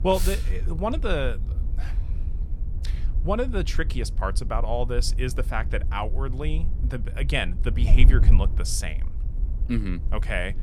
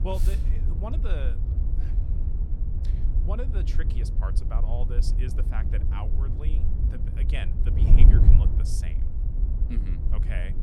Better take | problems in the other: first | wind noise on the microphone; heavy; 2 dB below the speech; occasional gusts in the first

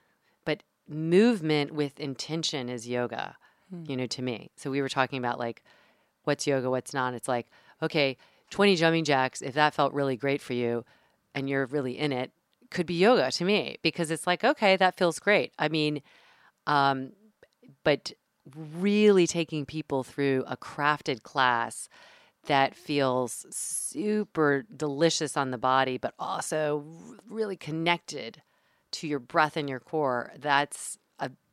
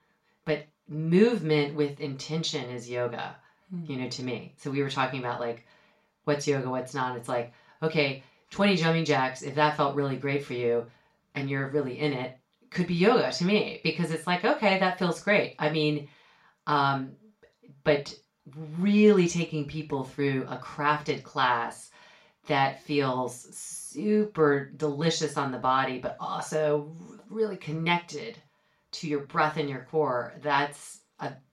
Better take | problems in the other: first | room echo; very slight; dies away in 0.2 s // off-mic speech; far

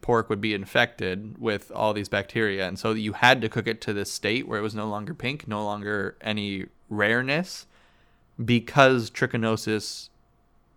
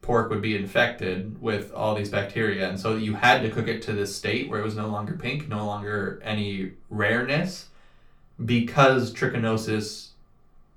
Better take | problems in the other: first | off-mic speech; somewhat distant // room echo; very slight; dies away in 0.2 s

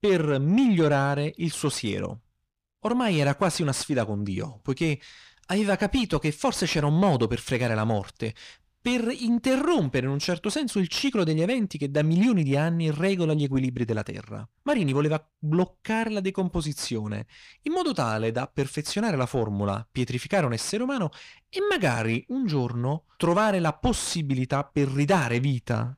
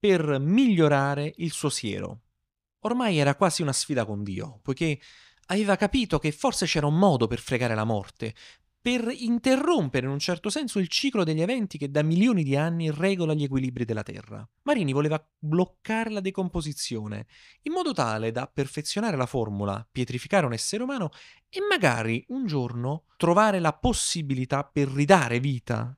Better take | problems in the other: second | distortion; slight; 10 dB below the speech

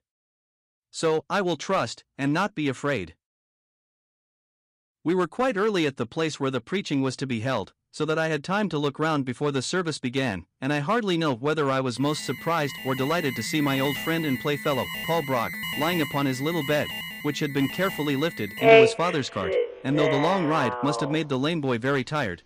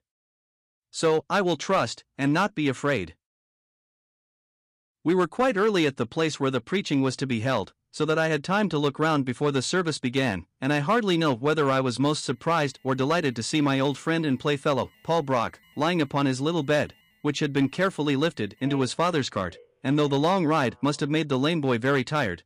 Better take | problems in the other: second | alarms or sirens; loud; from 12 s on; 1 dB below the speech; faint in the second

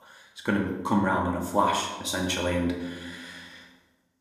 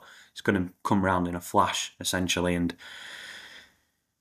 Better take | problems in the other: second | room echo; noticeable; dies away in 0.9 s // off-mic speech; somewhat distant

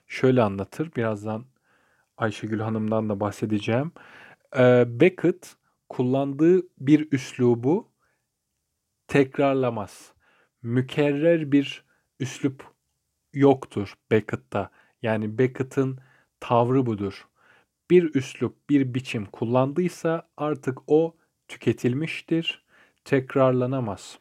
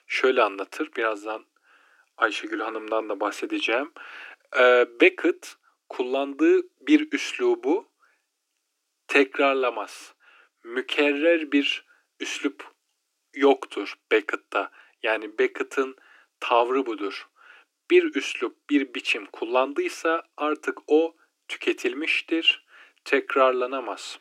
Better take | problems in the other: first | thin; somewhat; fading below 300 Hz

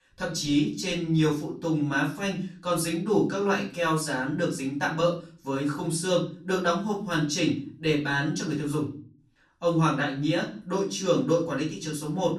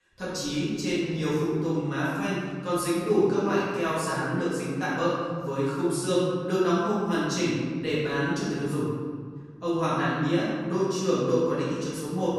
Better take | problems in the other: first | room echo; strong; dies away in 1.8 s; slight in the first // off-mic speech; far; far in the first

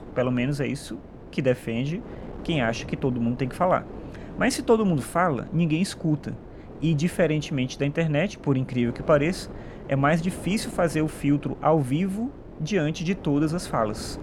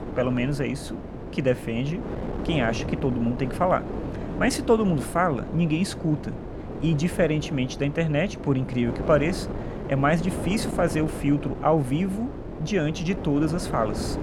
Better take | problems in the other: first | wind noise on the microphone; heavy; 10 dB below the speech; occasional gusts in the first

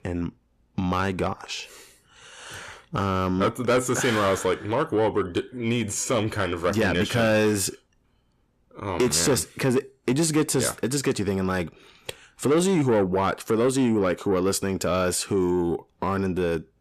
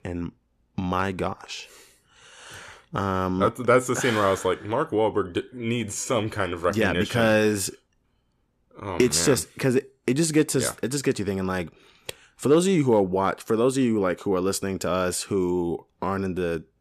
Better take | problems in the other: second | distortion; slight; 10 dB below the speech

